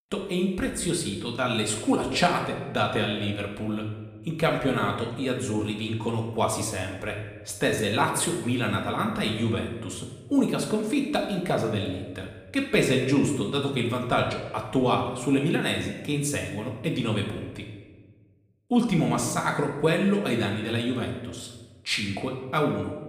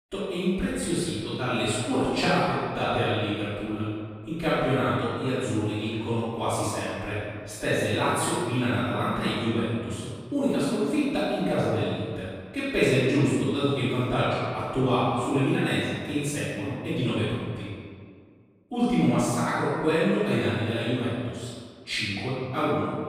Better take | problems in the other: first | room echo; strong; dies away in 1.7 s; slight in the first // off-mic speech; far; somewhat distant in the first

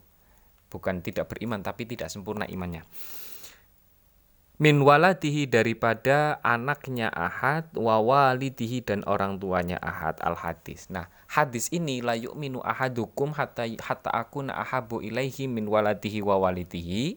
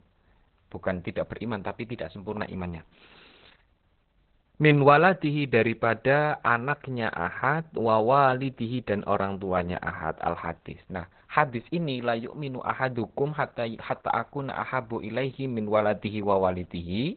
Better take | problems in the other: first | garbled, watery; badly; nothing above 4 kHz

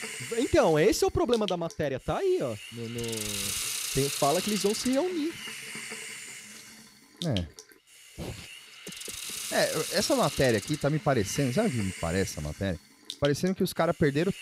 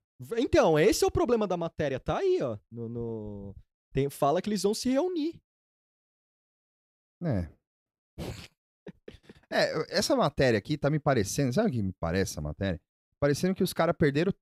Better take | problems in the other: second | hiss; loud; throughout; 7 dB below the speech

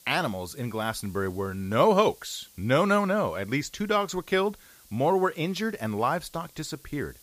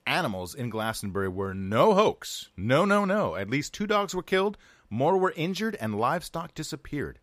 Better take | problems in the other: second | hiss; faint; throughout; 25 dB below the speech

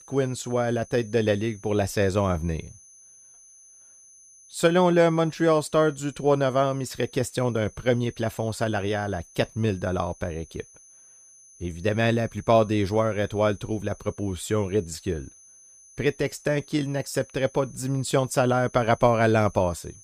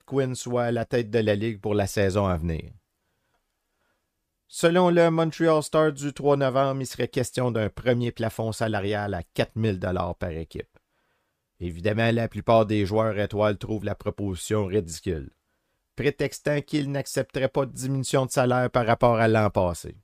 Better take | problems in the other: second | high-pitched whine; faint; throughout; 6 kHz, 25 dB below the speech

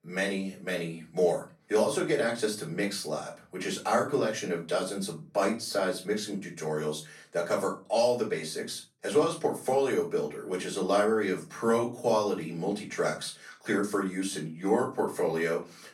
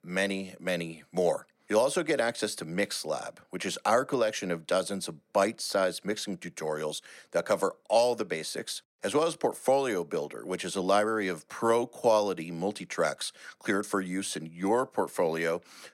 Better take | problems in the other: second | off-mic speech; far // room echo; slight; dies away in 0.3 s

